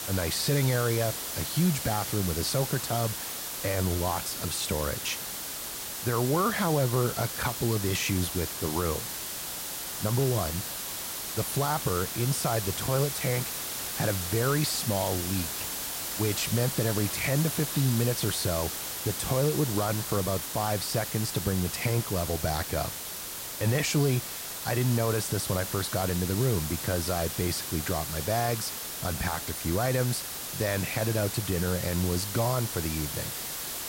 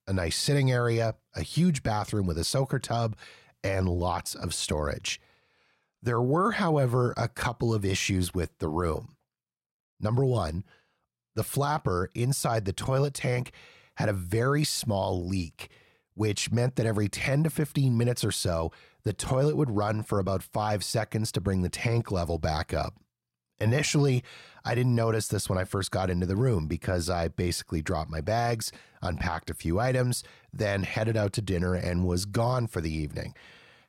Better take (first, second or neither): second